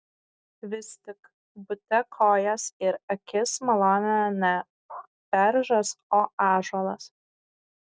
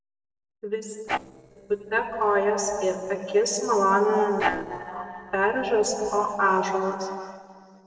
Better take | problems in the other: first | noise reduction (neural separator model SepFormer DNS4)

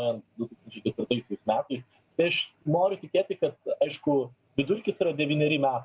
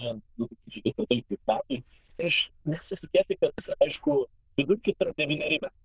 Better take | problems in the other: first | noise reduction (neural diffusion model UNIVERSE++)

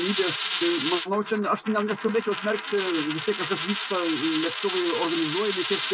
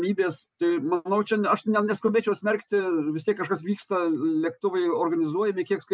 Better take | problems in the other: second | background sound (Coin (dropping)); 5 dB below the speech

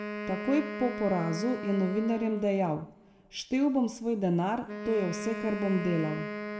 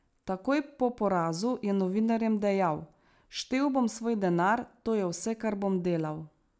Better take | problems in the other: second | background sound (Wind instrument, woodwind instrument); 8 dB below the speech // room echo; dies away in 0.9 s

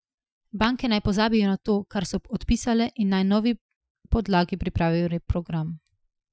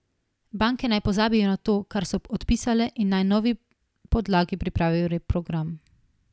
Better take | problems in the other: second | noise reduction (classical method Wiener filter)

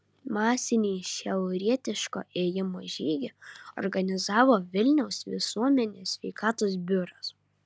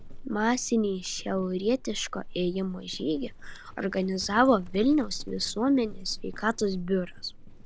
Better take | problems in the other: first | background sound (Livestock, farm animals, working animals); 13 dB below the speech

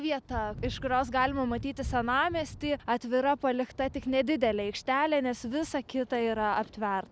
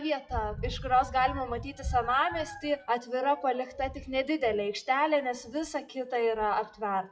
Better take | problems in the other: first | noise reduction (classical method WPE with log-MMSE)

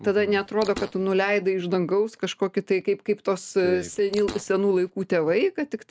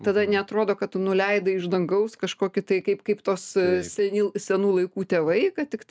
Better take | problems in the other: second | background sound (Fart); 16 dB below the speech

